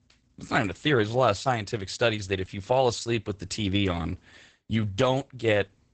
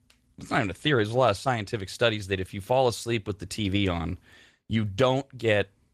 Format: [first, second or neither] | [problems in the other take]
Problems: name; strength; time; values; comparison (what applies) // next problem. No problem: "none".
second | garbled, watery; badly; nothing above 8 kHz; slightly in the second